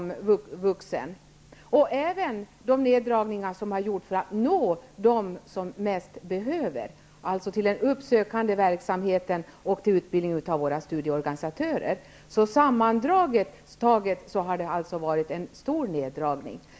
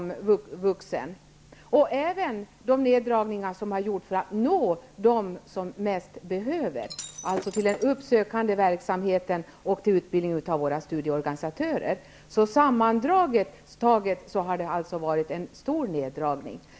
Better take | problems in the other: first | background sound (Shatter); 13 dB below the speech

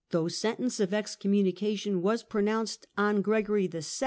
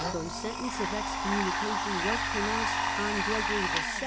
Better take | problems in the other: first | background sound (Domestic sounds, home sounds); 4 dB above the speech

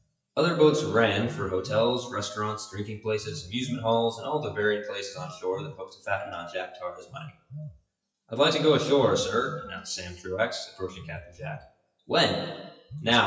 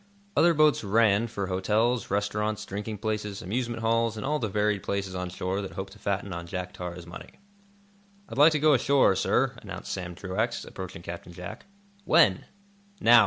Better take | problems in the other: second | noise reduction (classical method WPE with log-MMSE)

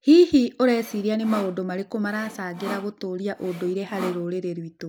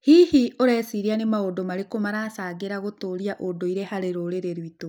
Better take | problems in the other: second | background sound (Sawing); 15 dB below the speech

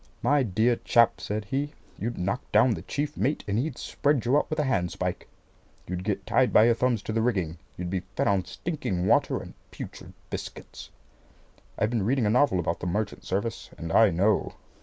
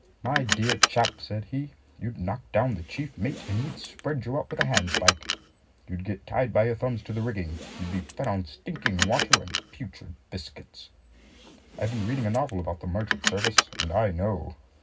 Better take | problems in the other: first | background sound (Car); 2 dB below the speech // room echo; dies away in 0.4 s

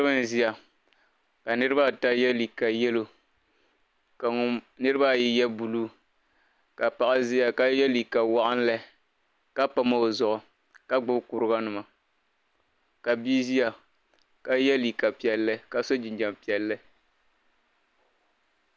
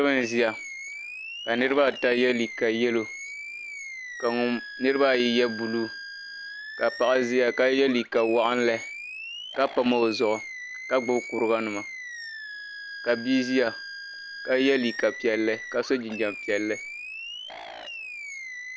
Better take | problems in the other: first | background sound (Animal); 12 dB below the speech

